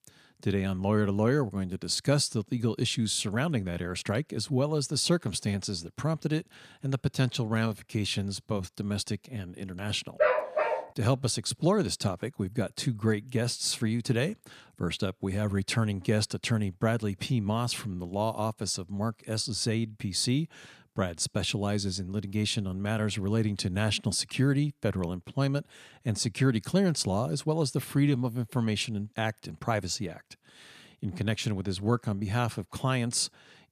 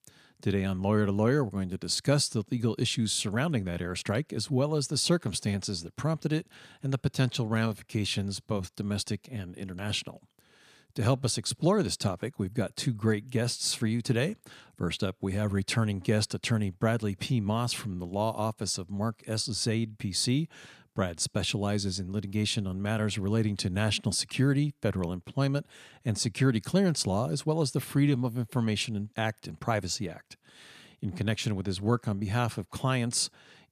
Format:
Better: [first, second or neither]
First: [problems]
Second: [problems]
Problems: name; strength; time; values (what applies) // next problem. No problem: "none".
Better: second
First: dog barking; loud; at 10 s; peak 3 dB above the speech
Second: none